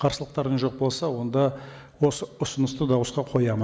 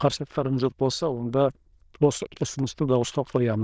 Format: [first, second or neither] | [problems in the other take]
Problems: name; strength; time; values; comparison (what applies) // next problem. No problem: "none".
first | noise reduction (neural diffusion model UNIVERSE++)